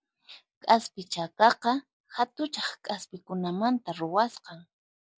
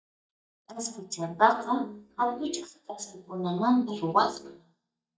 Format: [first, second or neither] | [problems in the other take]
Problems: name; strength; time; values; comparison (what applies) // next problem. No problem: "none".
first | noise reduction (neural mask model DeepFilterNet 3)